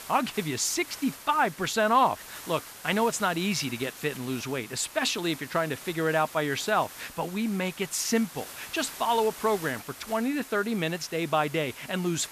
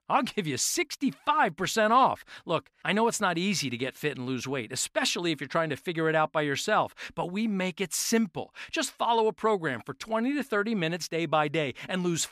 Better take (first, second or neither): second